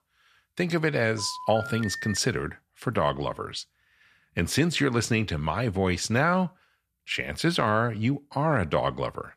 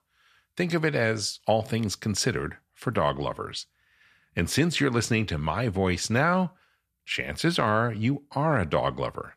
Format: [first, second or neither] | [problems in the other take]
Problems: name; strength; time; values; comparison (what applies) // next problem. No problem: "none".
second | phone ringing; noticeable; from 1 to 2 s; peak 8 dB below the speech